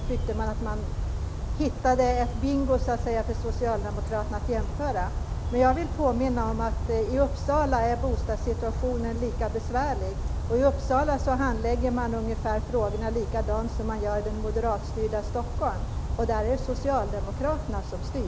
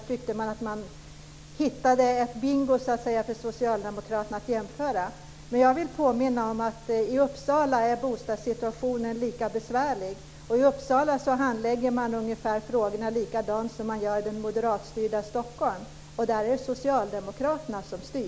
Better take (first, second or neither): second